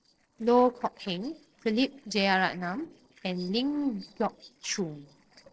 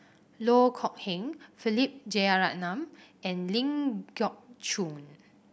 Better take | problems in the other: second | noise reduction (neural separator model SepFormer DNS4)

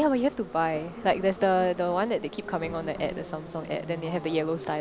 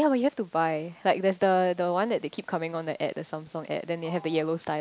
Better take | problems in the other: second | background sound (Subway, metro, underground); 13 dB below the speech

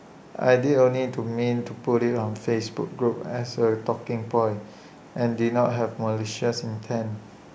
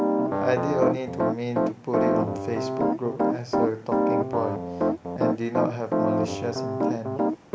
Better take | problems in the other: first | background sound (Piano); 5 dB above the speech

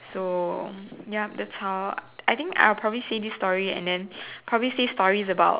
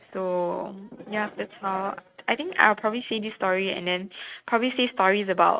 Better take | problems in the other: first | noise reduction (neural mask model RNNoise)

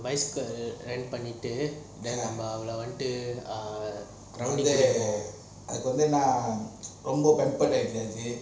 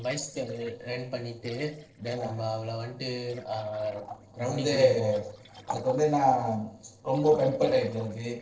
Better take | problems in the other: first | noise reduction (neural separator model SepFormer DNS4)

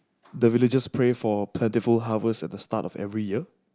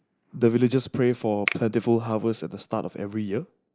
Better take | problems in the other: first | noise reduction (neural mask model Resemble Enhance denoiser)

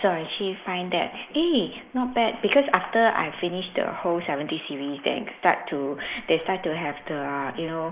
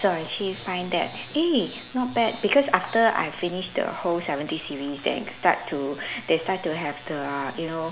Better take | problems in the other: second | noise reduction (neural mask model Resemble Enhance denoiser)

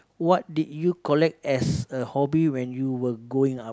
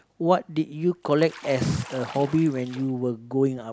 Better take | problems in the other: first | background sound (Bathtub (filling or washing) / Splash, splatter); 17 dB below the speech

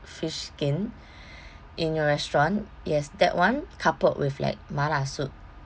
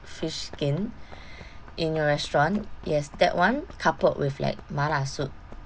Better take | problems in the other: first | background sound (Run); 15 dB below the speech

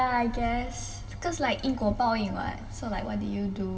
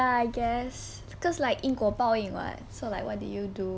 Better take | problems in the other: second | room echo; dies away in 1.7 s

